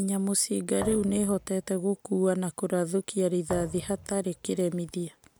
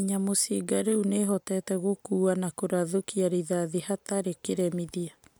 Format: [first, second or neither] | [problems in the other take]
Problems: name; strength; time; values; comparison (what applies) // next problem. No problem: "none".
second | background sound (Thump, thud); 15 dB below the speech